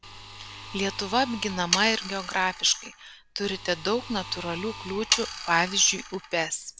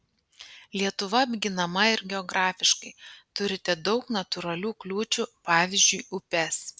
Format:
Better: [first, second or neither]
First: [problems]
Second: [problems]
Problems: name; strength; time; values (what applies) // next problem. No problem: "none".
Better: second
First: background sound (Sawing); 8 dB below the speech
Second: none